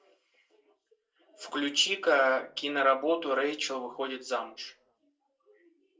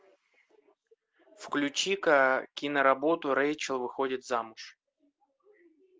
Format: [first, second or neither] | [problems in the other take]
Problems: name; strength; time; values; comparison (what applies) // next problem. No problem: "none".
second | room echo; dies away in 0.2 s